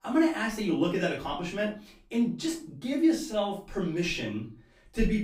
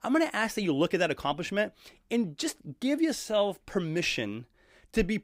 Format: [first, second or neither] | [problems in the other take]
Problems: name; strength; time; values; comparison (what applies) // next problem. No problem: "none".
second | off-mic speech; far // room echo; slight; dies away in 0.3 s